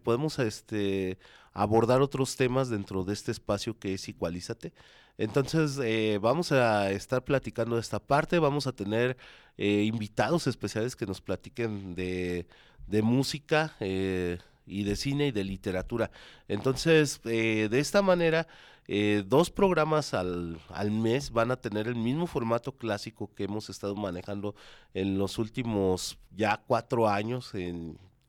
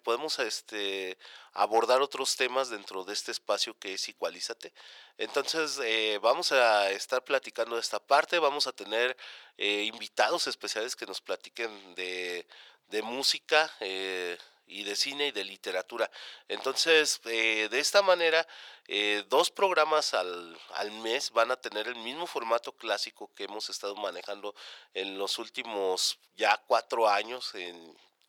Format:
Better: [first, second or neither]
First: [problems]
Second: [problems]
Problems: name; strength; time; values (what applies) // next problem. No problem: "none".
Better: first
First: none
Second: thin; very; fading below 550 Hz